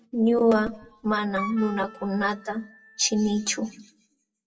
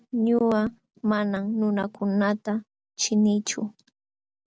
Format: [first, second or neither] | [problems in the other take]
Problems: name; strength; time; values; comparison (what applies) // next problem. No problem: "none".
second | noise reduction (classical method WPE with log-MMSE)